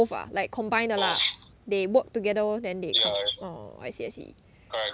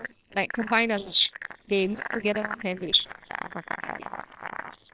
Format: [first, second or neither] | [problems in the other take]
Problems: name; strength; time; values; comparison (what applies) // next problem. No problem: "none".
first | noise reduction (neural separator model SepFormer WHAMR!)